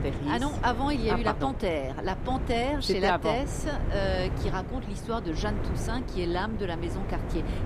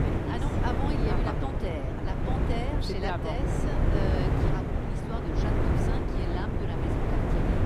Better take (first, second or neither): first